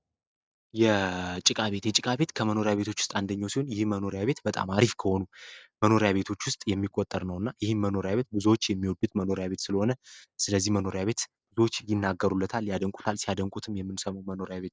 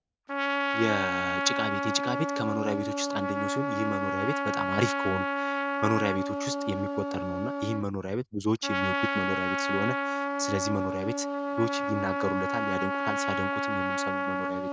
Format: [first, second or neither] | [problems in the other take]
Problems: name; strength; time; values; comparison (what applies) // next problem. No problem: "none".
first | background sound (Trumpet); 2 dB above the speech